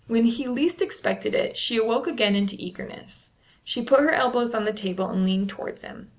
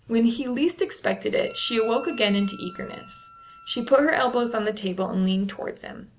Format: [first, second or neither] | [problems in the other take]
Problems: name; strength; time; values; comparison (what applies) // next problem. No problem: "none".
first | background sound (Wind instrument, woodwind instrument); 20 dB below the speech